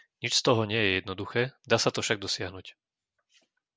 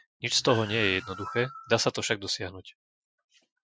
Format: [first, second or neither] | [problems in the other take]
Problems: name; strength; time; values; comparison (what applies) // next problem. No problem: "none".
first | noise reduction (classical method Wiener filter)